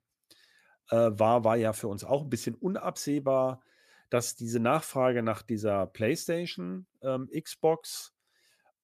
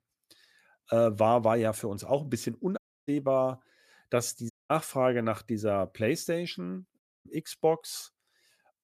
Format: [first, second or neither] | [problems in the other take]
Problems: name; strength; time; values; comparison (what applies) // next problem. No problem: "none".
first | audio cutting out; at 3 s, at 4.5 s and at 7 s